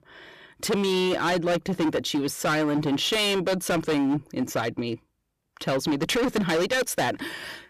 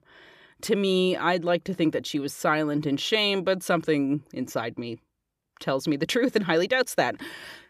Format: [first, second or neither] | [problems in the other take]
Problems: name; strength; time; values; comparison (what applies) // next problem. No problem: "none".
second | distortion; heavy; 19% of the sound clipped